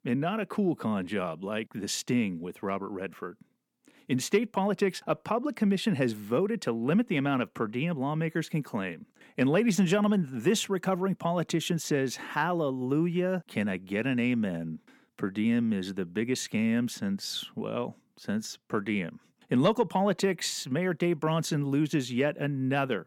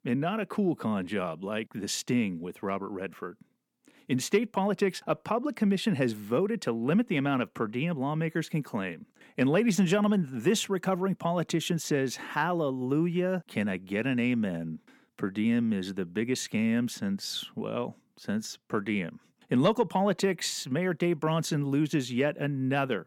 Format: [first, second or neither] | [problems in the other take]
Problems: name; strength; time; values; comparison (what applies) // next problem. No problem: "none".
neither | none